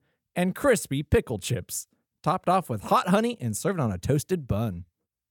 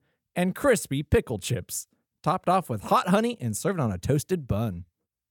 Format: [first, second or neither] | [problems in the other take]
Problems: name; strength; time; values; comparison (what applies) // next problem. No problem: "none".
neither | none